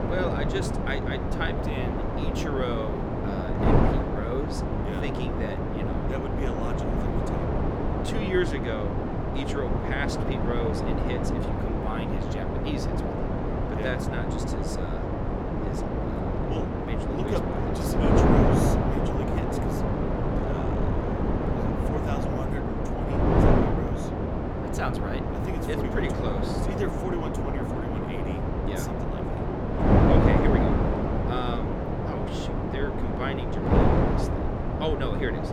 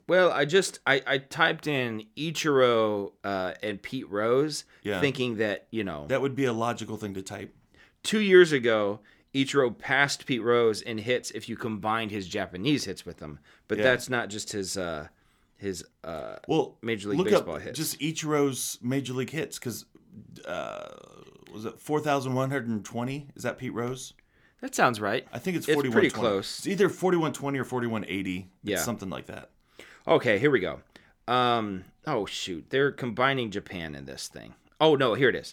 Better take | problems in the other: second | wind noise on the microphone; heavy; 5 dB above the speech

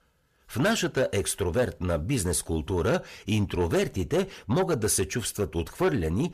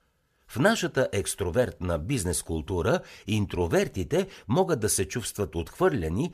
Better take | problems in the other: second | distortion; slight; 10 dB below the speech

